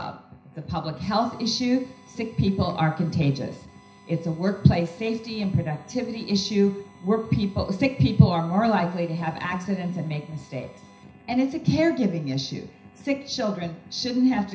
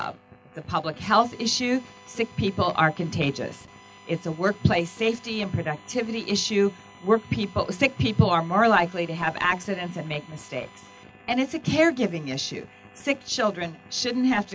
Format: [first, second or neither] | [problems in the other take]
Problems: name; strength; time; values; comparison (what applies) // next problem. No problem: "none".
second | room echo; dies away in 0.5 s